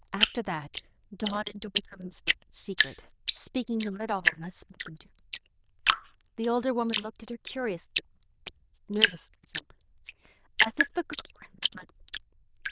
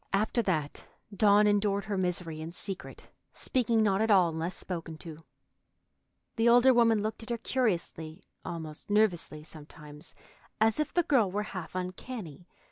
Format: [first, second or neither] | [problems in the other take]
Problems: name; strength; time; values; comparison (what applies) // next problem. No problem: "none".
second | noise reduction (neural diffusion model UNIVERSE++)